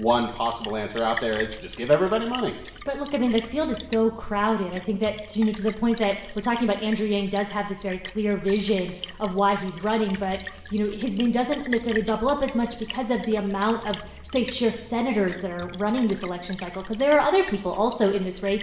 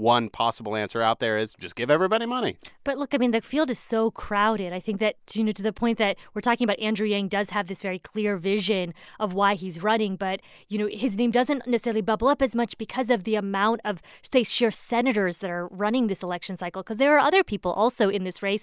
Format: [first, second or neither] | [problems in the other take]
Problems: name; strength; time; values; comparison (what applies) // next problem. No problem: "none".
second | background sound (Splash, splatter); 15 dB below the speech // room echo; dies away in 1 s